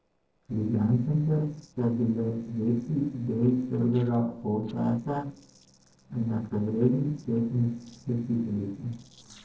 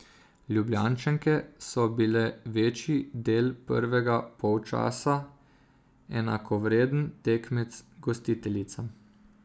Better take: second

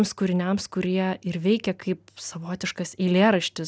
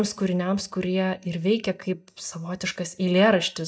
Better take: first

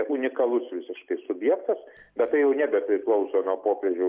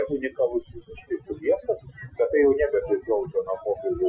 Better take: first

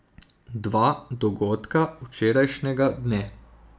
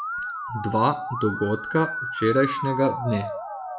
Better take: first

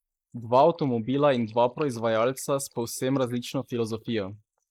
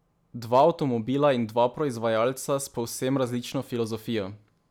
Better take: second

